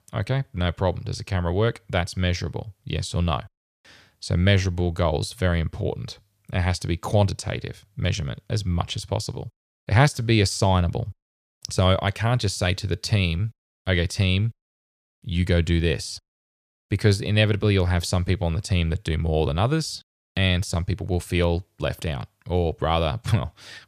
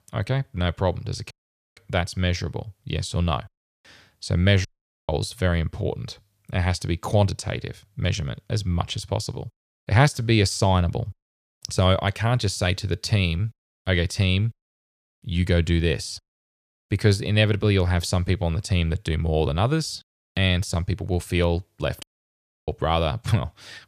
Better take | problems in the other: first | audio cutting out; at 1.5 s, at 4.5 s and at 22 s for 0.5 s

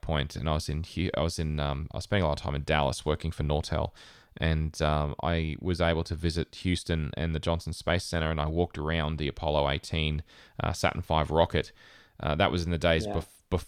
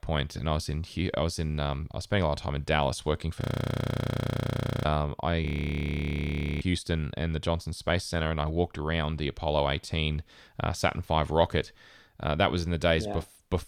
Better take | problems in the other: first | audio freezing; at 3.5 s for 1.5 s and at 5.5 s for 1 s

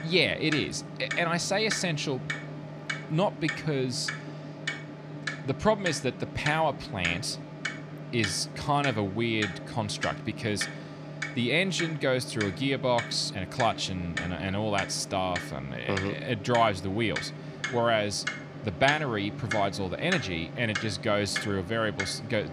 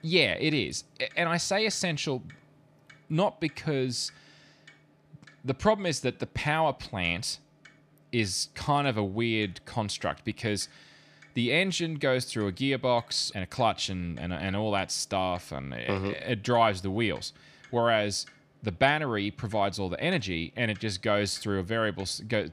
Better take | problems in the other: second | household noises; loud; throughout; 7 dB below the speech; faint in the second

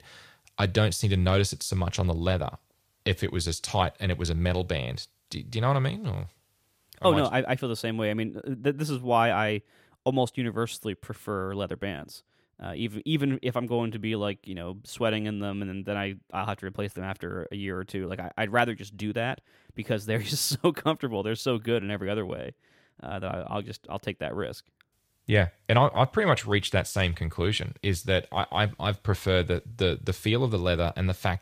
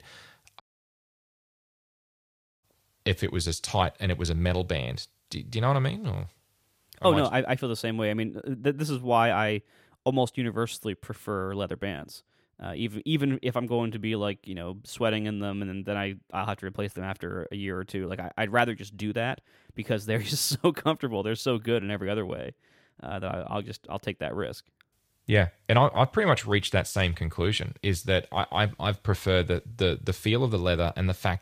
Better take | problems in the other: first | audio cutting out; at 0.5 s for 2 s

